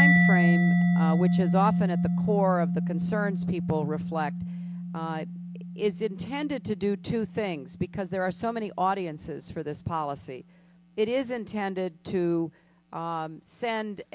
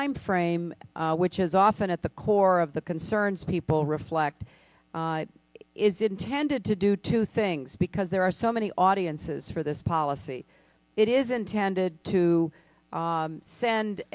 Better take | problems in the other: second | background sound (Mallet percussion); 2 dB above the speech

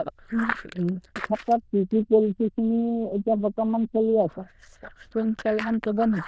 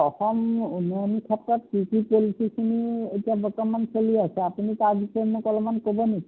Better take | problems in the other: second | noise reduction (neural diffusion model UNIVERSE++)

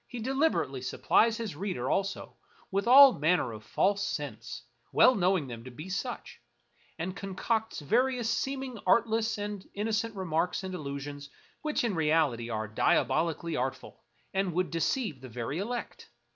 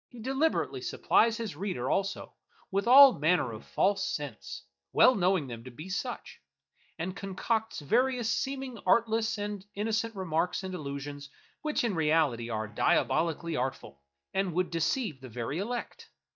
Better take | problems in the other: first | noise reduction (neural mask model DeepFilterNet 3)

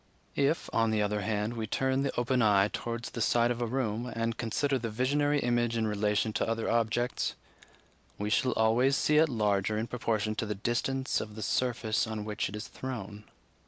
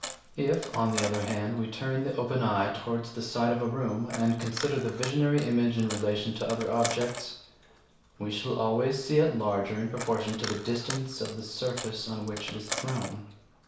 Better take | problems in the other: first | background sound (Coin (dropping)); 12 dB below the speech // room echo; dies away in 0.6 s

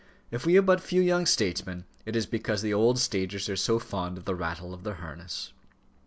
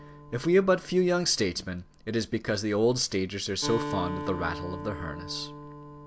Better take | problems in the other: first | background sound (Acoustic guitar); 11 dB below the speech

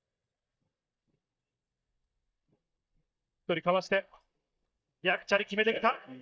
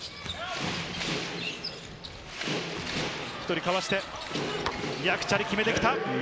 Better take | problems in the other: second | noise reduction (neural mask model DeepFilterNet 3)

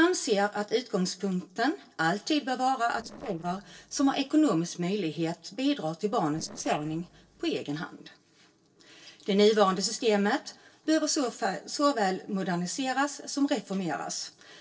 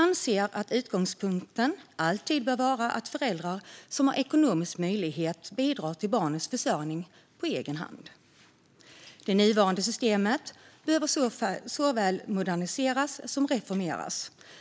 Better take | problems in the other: second | noise reduction (neural separator model SepFormer DNS4)

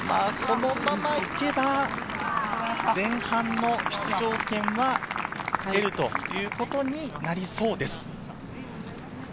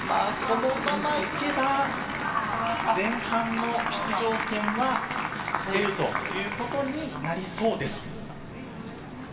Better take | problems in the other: first | background sound (Fart); 15 dB below the speech // room echo; dies away in 2.3 s

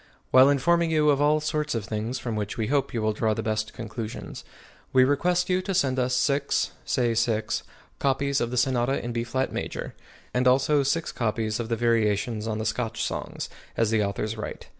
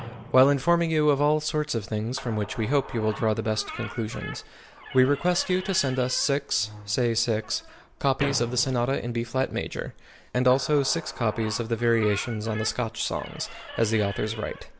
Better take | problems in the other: first | background sound (Squeak / Slam); 16 dB below the speech

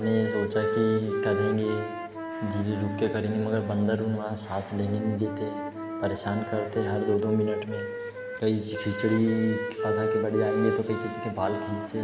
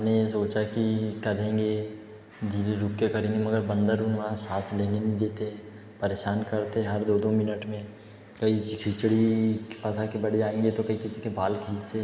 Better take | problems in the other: second | background sound (Wind instrument, woodwind instrument); 4 dB below the speech

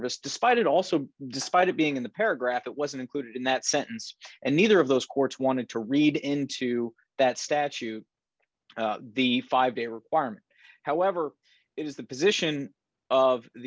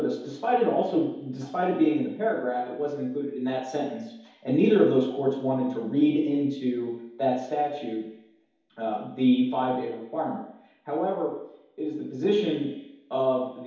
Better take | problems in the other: first | room echo; dies away in 2.2 s

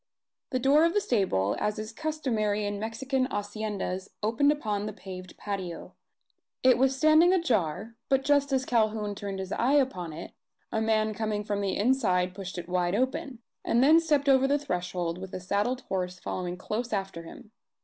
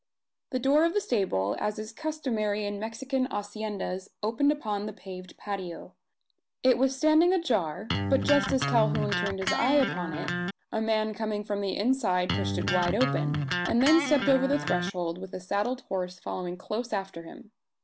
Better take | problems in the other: first | background sound (Electric guitar); 2 dB below the speech

